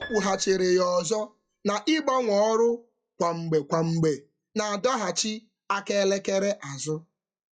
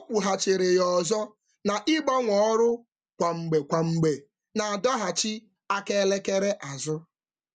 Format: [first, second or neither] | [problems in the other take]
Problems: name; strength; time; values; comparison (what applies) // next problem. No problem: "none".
second | noise reduction (classical method log-MMSE)